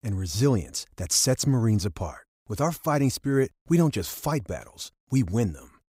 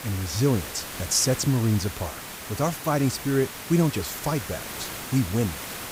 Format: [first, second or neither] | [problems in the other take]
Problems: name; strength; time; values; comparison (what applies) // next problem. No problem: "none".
first | hiss; loud; throughout; 9 dB below the speech